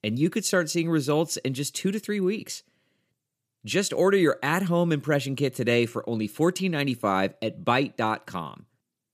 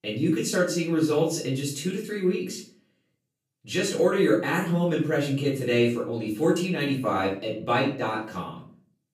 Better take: first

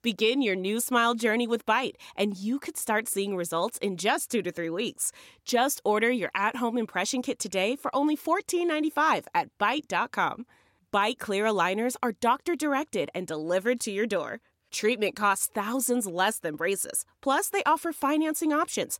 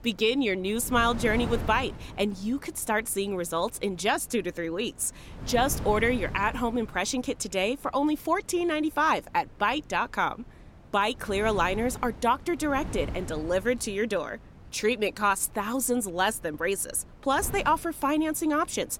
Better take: first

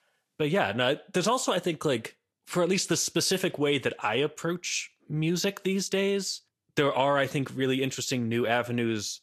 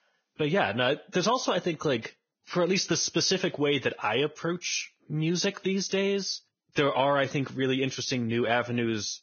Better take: first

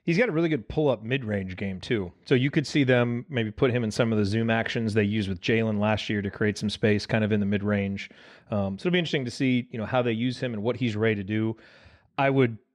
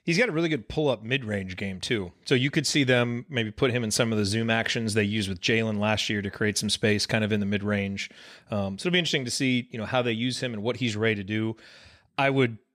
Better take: second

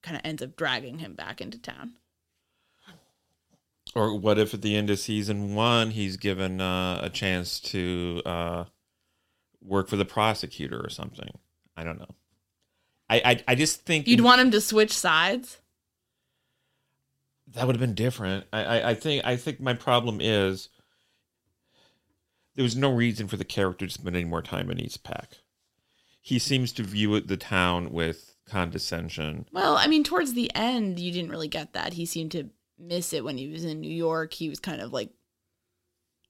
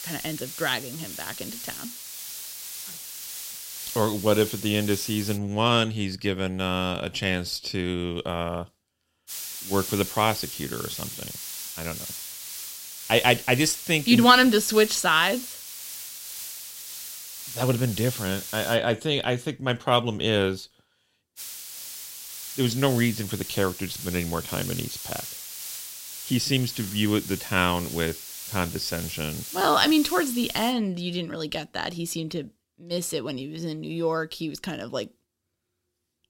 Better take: first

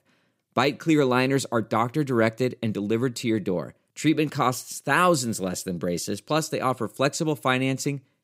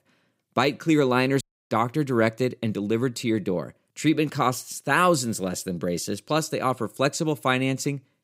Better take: first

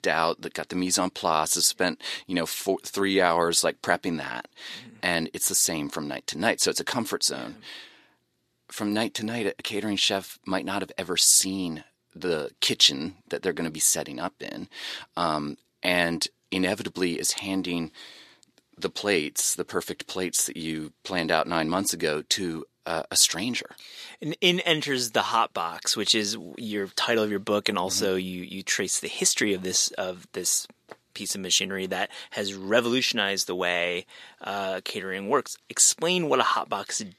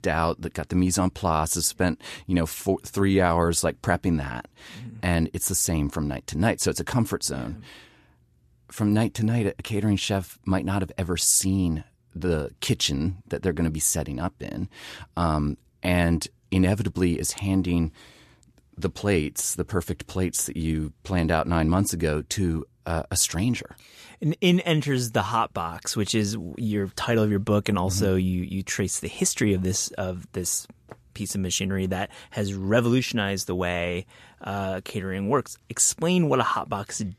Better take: second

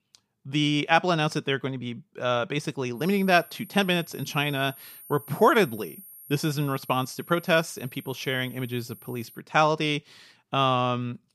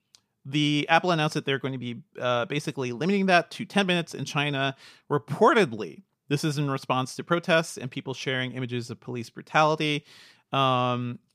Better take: second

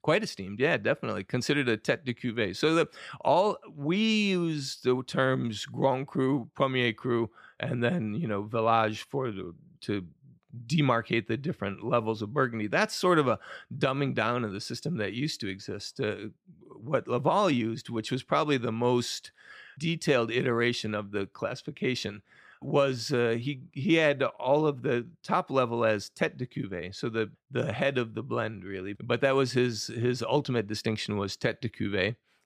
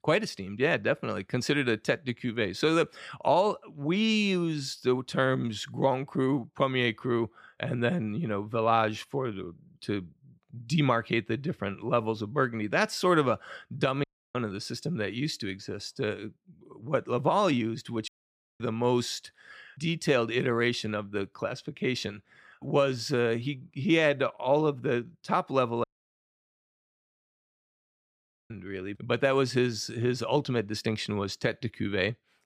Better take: first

